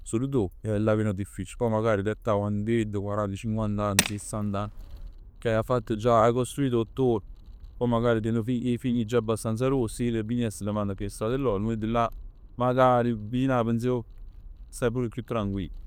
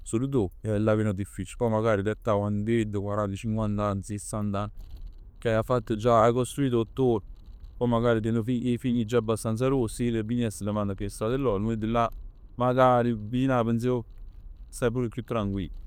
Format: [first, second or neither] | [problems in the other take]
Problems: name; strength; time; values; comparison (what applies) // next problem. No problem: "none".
second | background sound (Tools); 6 dB below the speech